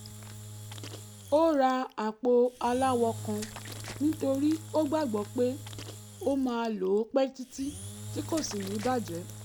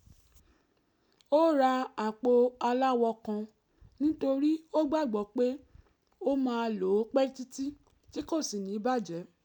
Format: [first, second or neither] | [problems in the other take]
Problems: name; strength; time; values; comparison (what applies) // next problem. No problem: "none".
second | background sound (Engine / Drill); 13 dB below the speech